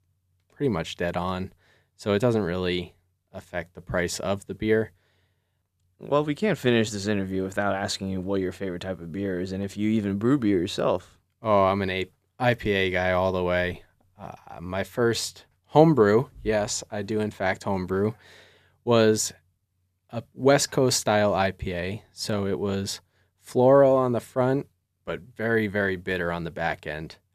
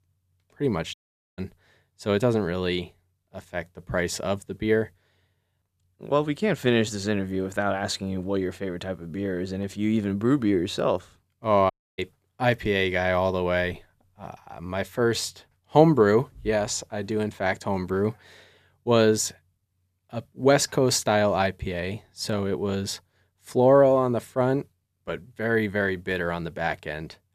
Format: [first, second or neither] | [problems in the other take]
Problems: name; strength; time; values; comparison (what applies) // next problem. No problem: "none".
first | audio cutting out; at 1 s and at 12 s